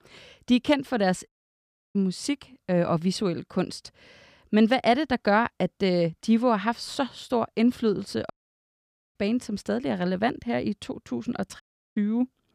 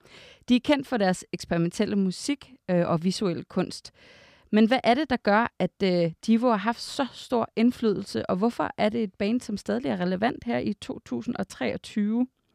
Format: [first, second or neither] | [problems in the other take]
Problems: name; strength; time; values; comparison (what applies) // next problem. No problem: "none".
second | audio cutting out; at 1.5 s for 0.5 s, at 8.5 s for 1 s and at 12 s